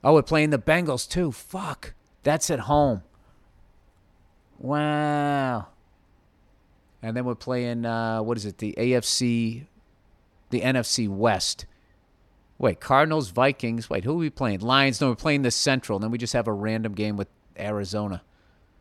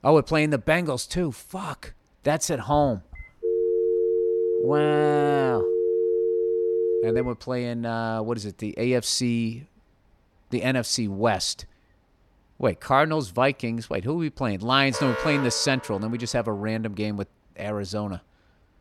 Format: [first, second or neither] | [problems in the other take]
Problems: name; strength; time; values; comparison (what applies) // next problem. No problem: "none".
first | phone ringing; loud; from 3 to 7.5 s; peak 3 dB above the speech // alarm; noticeable; from 15 to 16 s; peak 3 dB below the speech